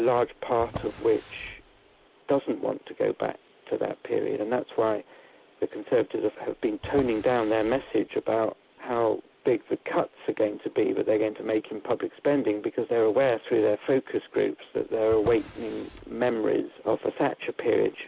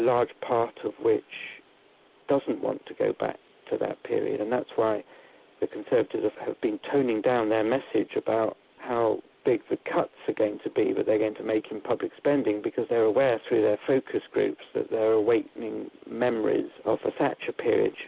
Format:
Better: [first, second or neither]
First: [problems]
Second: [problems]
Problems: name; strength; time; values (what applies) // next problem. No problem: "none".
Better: second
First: background sound (Drawer open or close); 16 dB below the speech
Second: none